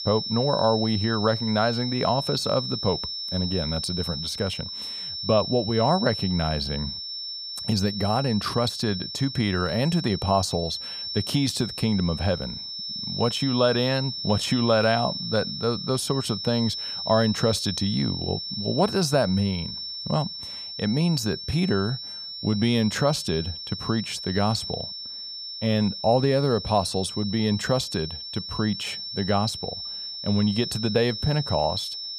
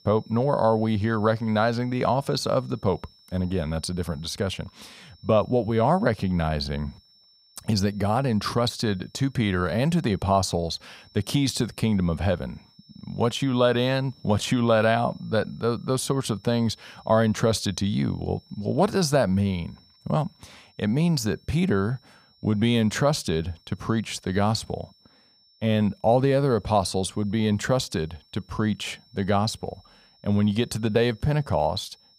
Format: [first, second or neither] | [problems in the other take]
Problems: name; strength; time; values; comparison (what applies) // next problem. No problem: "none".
second | high-pitched whine; loud; throughout; 5.5 kHz, 6 dB below the speech; faint in the second